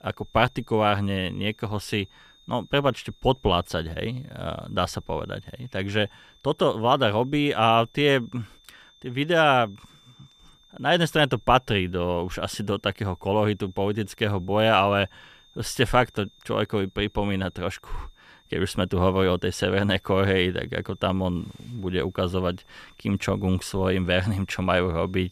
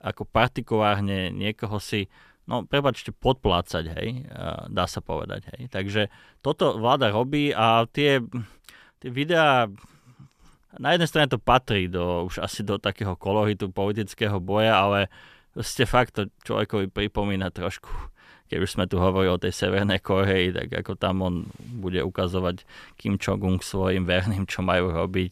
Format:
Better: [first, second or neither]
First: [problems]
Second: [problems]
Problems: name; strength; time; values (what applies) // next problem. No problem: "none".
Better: second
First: high-pitched whine; faint; throughout; 3.5 kHz, 30 dB below the speech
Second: none